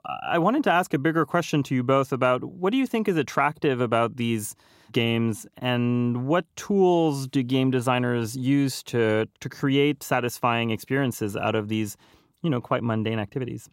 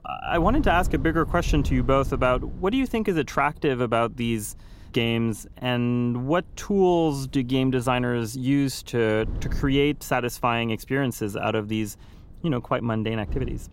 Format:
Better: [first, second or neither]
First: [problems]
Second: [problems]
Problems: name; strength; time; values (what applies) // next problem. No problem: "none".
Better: first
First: none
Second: wind noise on the microphone; occasional gusts; 20 dB below the speech